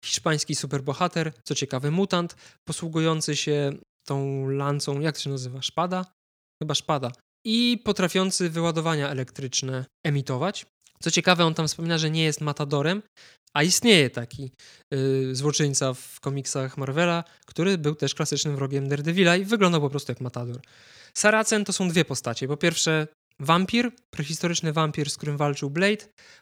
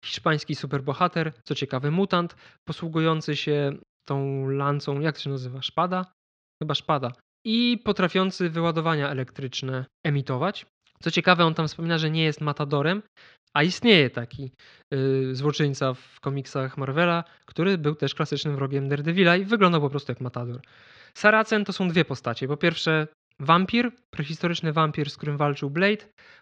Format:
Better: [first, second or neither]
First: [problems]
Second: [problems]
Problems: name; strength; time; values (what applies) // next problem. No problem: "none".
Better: first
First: none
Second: muffled; slightly; fading above 4 kHz